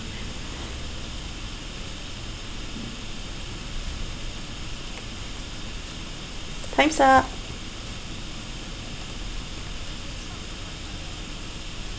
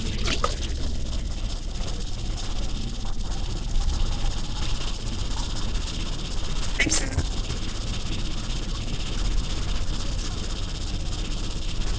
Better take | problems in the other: first | noise reduction (neural separator model SepFormer DNS4)

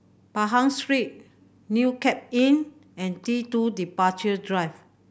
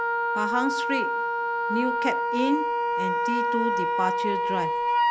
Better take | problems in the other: first | background sound (Wind instrument, woodwind instrument); 5 dB above the speech

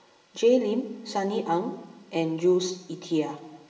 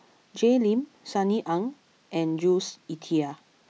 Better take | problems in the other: second | room echo; dies away in 1 s

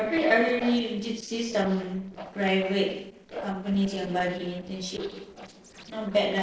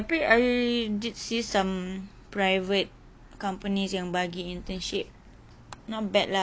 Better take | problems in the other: second | noise reduction (neural separator model SepFormer DNS4)

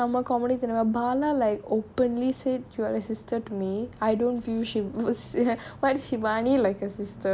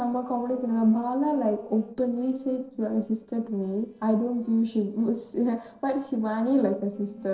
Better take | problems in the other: first | noise reduction (neural separator model SepFormer DNS4)

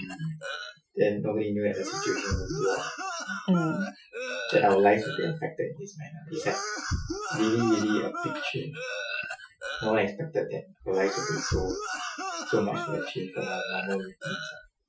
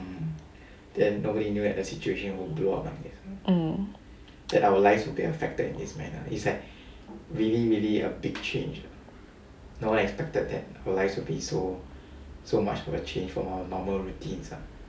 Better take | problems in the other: second | noise reduction (classical method Wiener filter)

